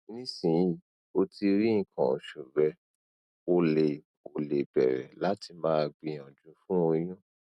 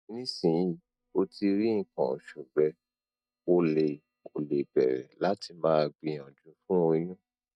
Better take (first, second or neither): first